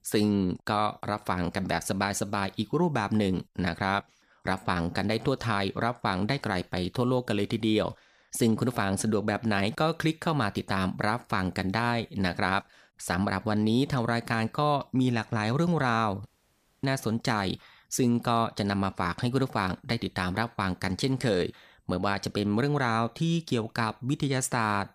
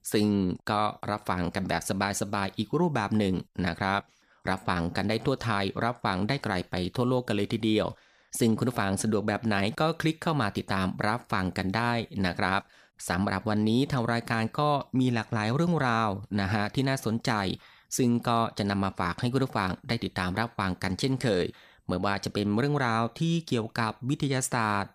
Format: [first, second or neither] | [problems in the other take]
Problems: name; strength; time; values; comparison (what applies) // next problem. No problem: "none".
second | audio cutting out; at 16 s for 0.5 s